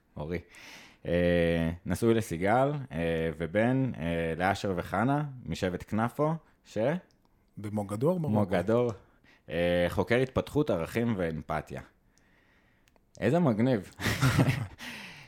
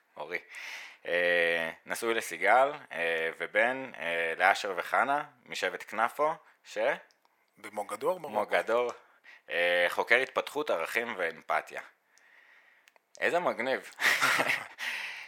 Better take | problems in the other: first | thin; very; fading below 750 Hz

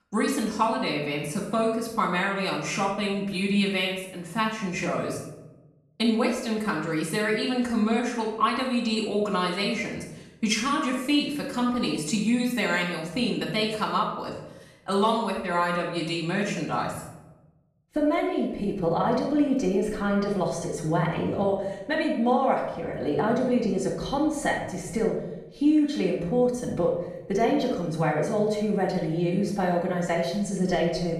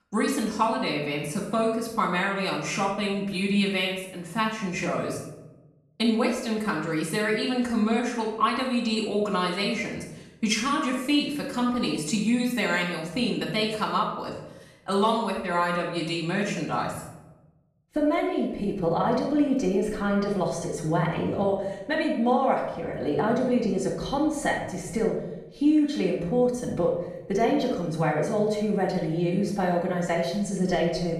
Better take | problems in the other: neither | off-mic speech; far; the same in both // room echo; noticeable; dies away in 0.8 s; the same in both

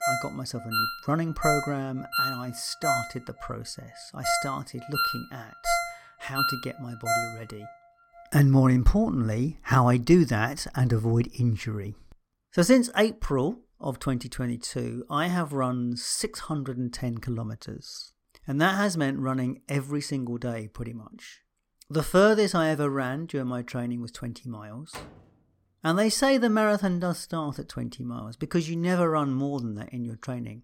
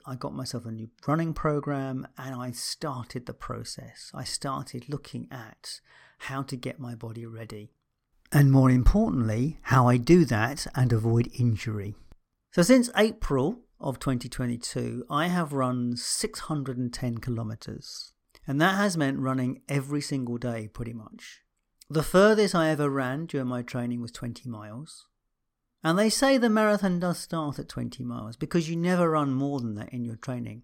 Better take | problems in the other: second | phone ringing; noticeable; until 7.5 s; peak level with the speech // door banging; faint; at 25 s; peak 15 dB below the speech

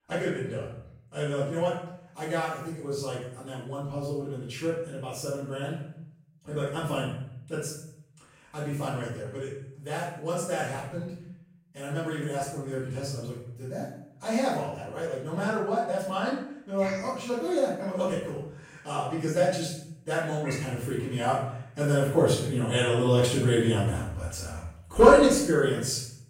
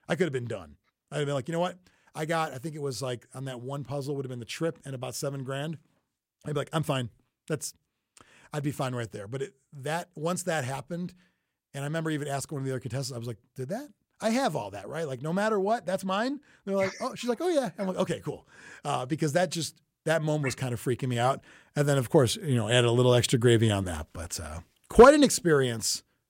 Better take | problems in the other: second | off-mic speech; far // room echo; noticeable; dies away in 0.6 s

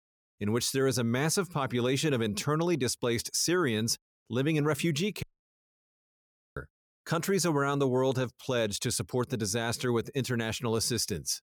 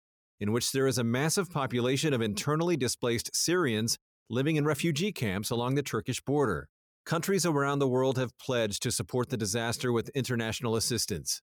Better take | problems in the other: second | audio cutting out; at 5 s for 1.5 s

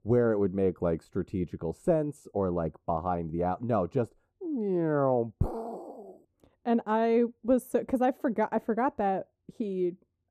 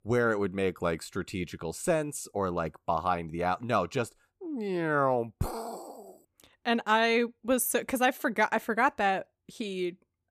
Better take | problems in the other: second | muffled; very; fading above 1 kHz

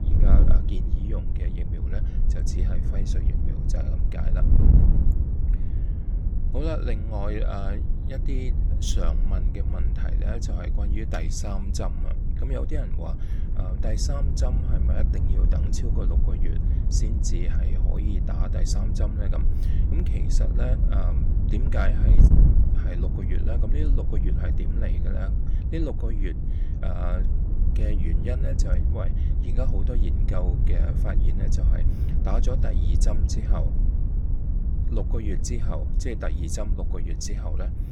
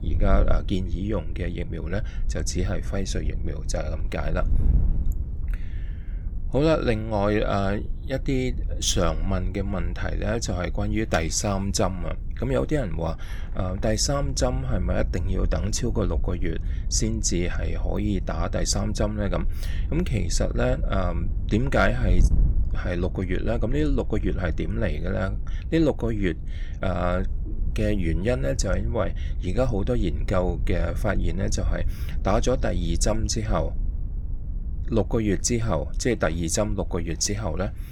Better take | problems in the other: second | wind noise on the microphone; heavy; 3 dB below the speech; occasional gusts in the second

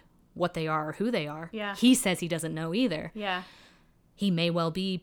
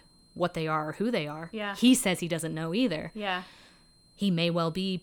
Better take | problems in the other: first | high-pitched whine; faint; throughout; 4 kHz, 30 dB below the speech

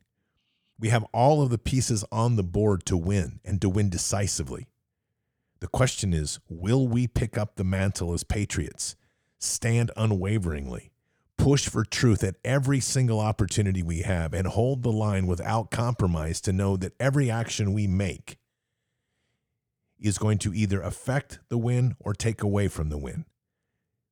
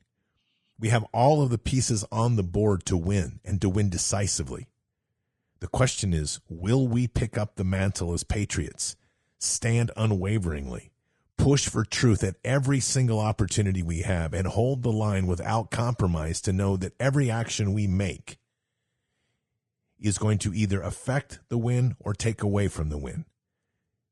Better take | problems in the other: first | garbled, watery; slightly

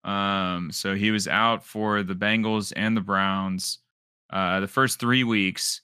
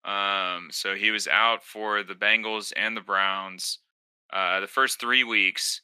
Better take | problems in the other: first | thin; very; fading below 400 Hz

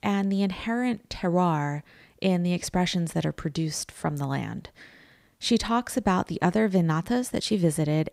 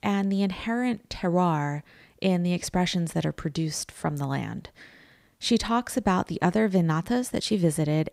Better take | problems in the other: neither | none

